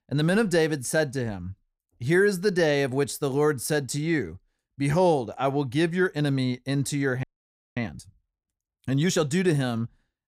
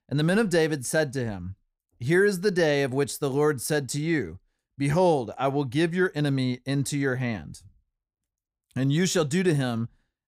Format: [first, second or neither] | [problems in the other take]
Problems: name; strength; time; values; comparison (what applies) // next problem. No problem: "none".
second | audio freezing; at 7 s for 0.5 s